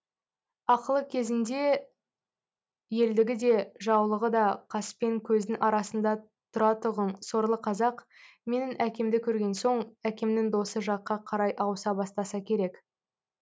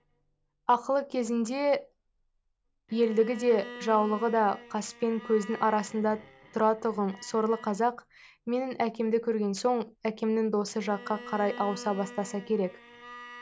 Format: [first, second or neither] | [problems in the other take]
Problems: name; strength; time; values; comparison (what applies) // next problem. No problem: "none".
first | background sound (Bowed string instrument); 19 dB below the speech